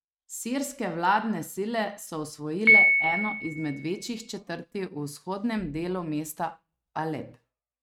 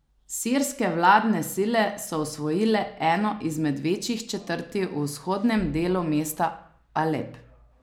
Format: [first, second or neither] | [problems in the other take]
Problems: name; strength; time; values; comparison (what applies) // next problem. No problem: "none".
second | noise reduction (neural mask model RNNoise)